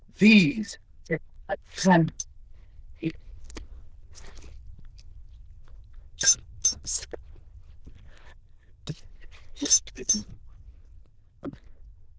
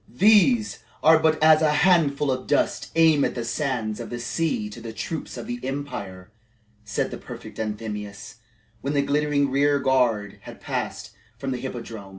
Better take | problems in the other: second | noise reduction (neural diffusion model UNIVERSE++)

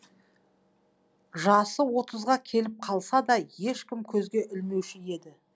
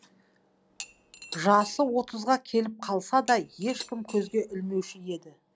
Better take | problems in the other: first | background sound (Cutlery, silverware / Dishes, pots, and pans); 17 dB below the speech

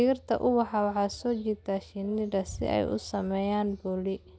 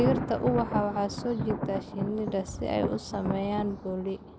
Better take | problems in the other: first | background sound (Thunder); 4 dB below the speech

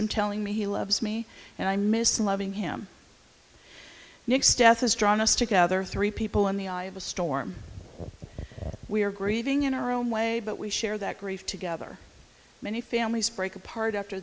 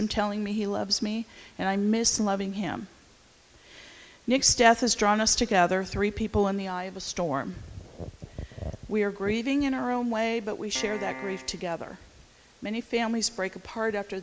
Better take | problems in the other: first | background sound (Piano); 12 dB below the speech

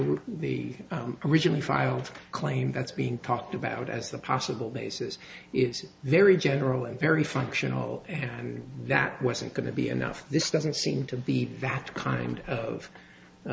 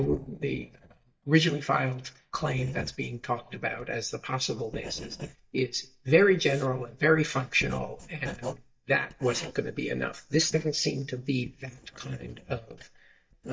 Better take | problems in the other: first | noise reduction (neural mask model DeepFilterNet 3)

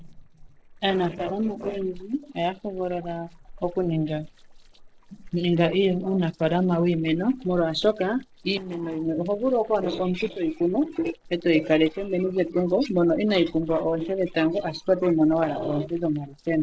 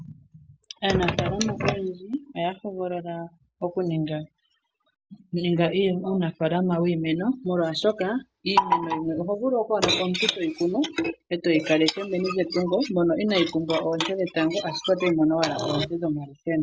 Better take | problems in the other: second | noise reduction (neural separator model SepFormer DNS4)

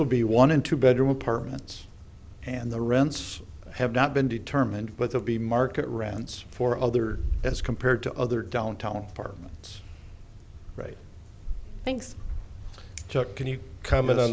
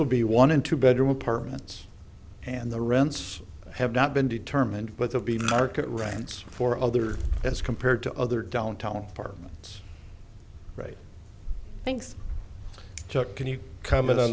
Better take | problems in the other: first | background sound (Chewing, mastication); 13 dB below the speech

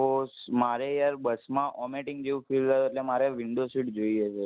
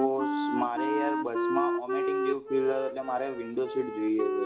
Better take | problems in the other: first | background sound (Wind instrument, woodwind instrument); 1 dB below the speech // room echo; dies away in 1.3 s

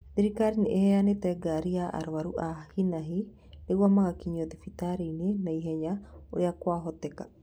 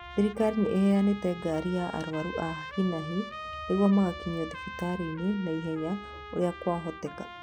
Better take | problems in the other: first | background sound (Trumpet); 13 dB below the speech

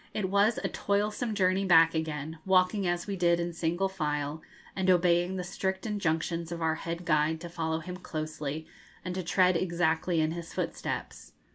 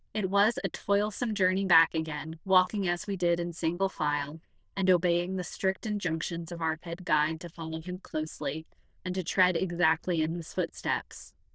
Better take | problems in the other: first | noise reduction (neural diffusion model UNIVERSE++)

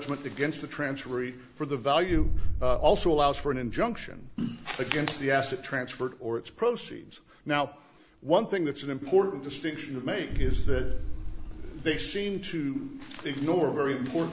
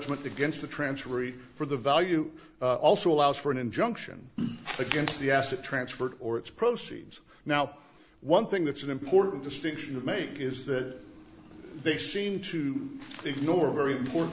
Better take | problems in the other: second | background sound (Boom); as loud as the speech

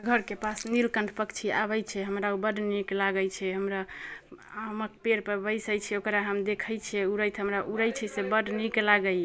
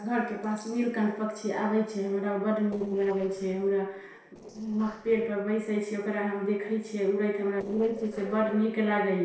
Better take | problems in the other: first | noise reduction (neural separator model SepFormer DNS4)

